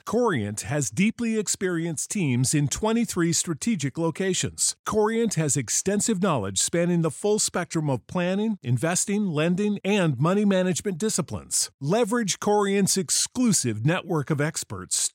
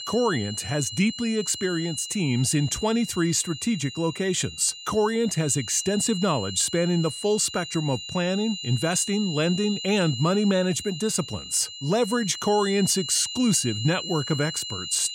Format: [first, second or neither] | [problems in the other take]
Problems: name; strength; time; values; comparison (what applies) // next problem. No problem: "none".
first | high-pitched whine; loud; throughout; 3 kHz, 9 dB below the speech